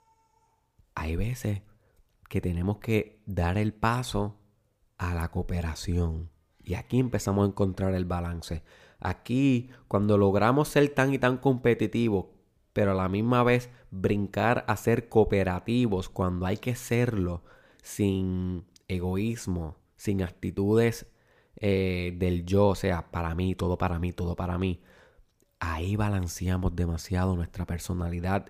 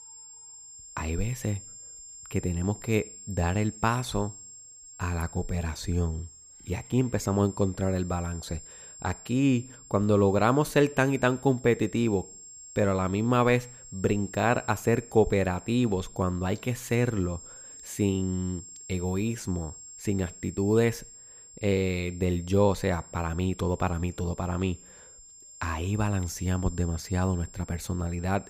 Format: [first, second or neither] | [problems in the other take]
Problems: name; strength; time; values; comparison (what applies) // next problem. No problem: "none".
first | high-pitched whine; noticeable; throughout; 7.5 kHz, 15 dB below the speech